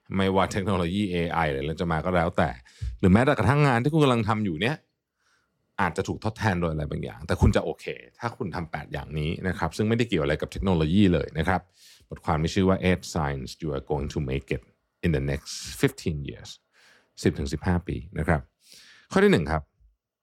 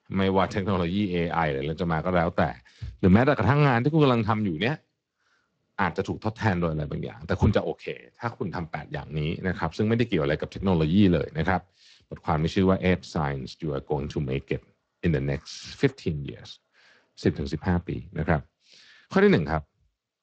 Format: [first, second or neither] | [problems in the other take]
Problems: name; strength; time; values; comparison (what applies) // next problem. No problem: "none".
first | garbled, watery; slightly